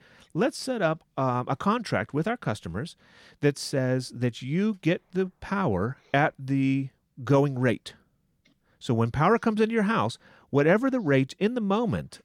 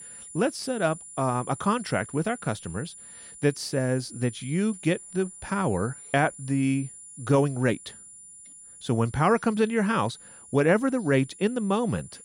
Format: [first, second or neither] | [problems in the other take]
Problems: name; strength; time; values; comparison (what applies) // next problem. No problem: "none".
first | high-pitched whine; noticeable; throughout; 9.5 kHz, 15 dB below the speech